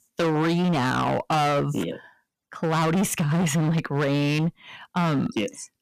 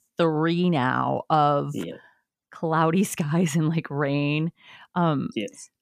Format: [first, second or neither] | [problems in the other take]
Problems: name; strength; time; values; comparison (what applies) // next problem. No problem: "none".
second | distortion; heavy; 22% of the sound clipped